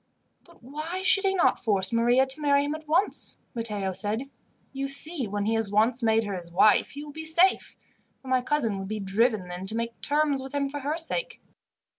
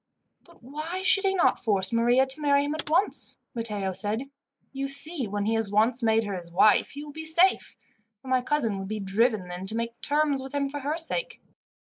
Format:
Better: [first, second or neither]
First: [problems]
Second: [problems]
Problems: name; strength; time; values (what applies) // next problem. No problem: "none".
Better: first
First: none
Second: noise reduction (neural mask model Resemble Enhance denoiser)